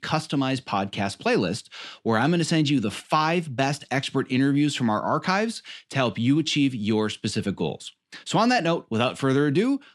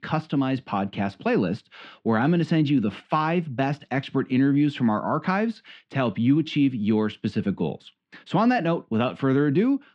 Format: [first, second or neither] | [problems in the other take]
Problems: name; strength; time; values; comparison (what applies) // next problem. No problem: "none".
first | muffled; slightly; fading above 2.5 kHz